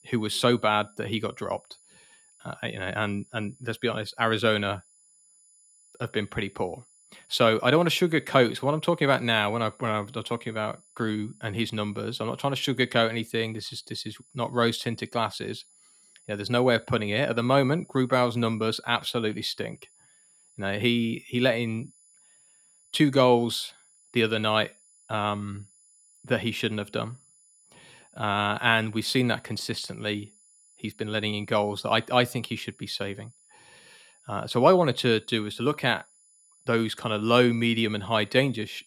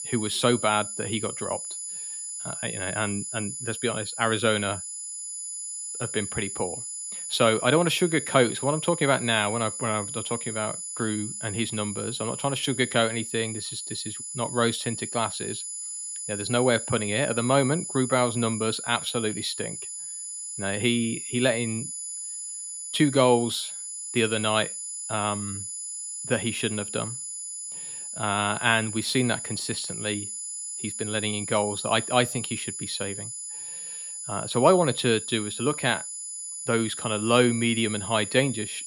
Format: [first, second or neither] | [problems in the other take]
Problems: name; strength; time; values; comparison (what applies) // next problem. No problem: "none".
first | high-pitched whine; loud; throughout; 10 kHz, 6 dB below the speech; faint in the first